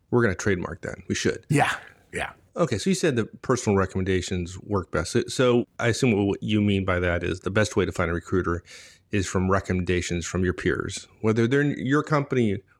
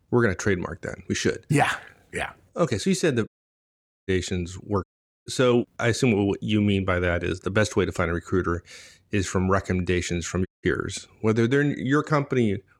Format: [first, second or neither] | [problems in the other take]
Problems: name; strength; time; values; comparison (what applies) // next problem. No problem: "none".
first | audio cutting out; at 3.5 s for 1 s, at 5 s and at 10 s